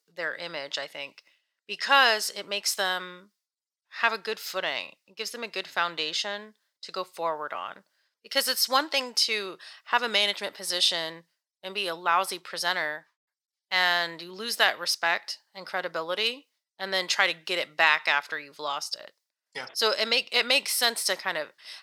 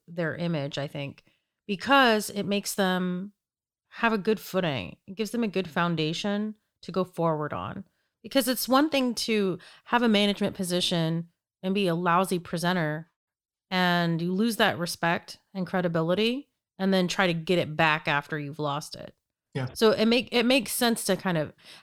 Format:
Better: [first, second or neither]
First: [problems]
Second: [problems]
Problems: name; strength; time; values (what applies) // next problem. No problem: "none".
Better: second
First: thin; very; fading below 700 Hz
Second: none